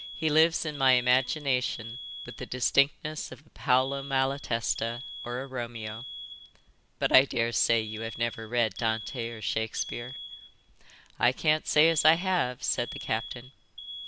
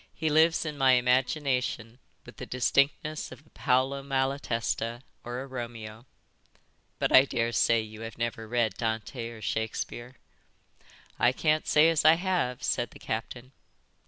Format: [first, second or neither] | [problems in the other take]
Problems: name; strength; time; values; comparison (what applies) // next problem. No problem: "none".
second | background sound (Alarm); 13 dB below the speech